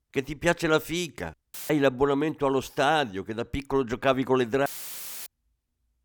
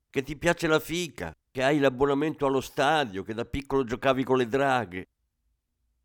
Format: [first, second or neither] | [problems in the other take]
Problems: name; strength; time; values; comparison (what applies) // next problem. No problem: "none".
second | audio cutting out; filled with static; at 1.5 s and at 4.5 s for 0.5 s